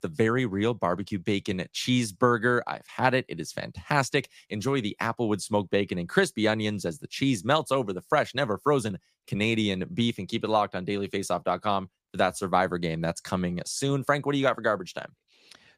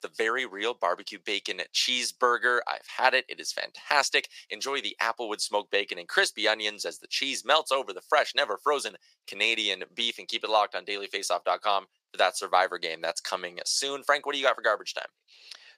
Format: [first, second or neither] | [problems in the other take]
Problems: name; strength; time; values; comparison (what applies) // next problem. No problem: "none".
first | thin; very; fading below 500 Hz